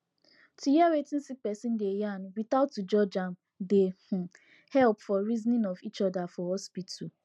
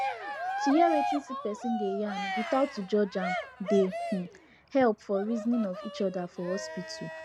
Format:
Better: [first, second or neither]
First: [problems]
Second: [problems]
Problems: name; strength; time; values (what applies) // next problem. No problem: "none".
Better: first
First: none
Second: background sound (Cheering); 5 dB below the speech